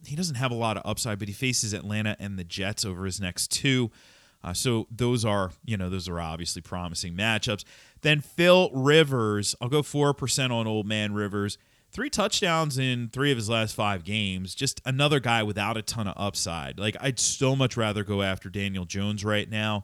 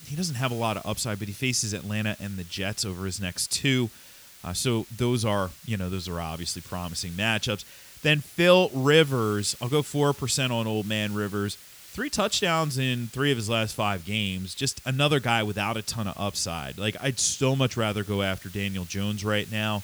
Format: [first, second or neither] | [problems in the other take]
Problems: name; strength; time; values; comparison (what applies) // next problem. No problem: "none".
first | hiss; noticeable; throughout; 20 dB below the speech